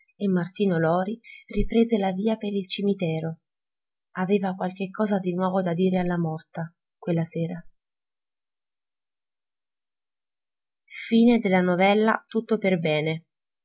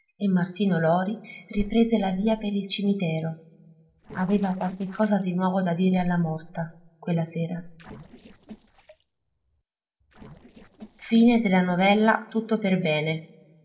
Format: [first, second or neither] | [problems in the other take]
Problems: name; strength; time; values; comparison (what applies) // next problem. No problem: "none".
first | noise reduction (neural separator model SepFormer DNS4)